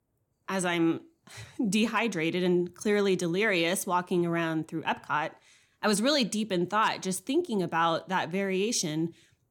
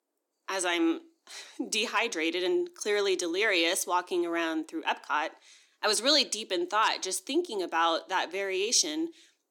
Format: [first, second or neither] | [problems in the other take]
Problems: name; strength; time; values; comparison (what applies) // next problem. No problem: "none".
first | thin; somewhat; fading below 300 Hz